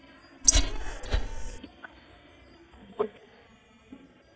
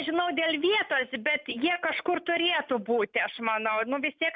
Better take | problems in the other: second | noise reduction (neural mask model DeepFilterNet 3)

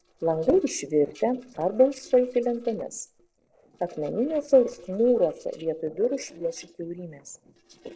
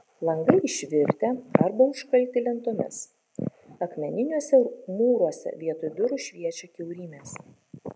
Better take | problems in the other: second | noise reduction (neural separator model SepFormer DNS4)

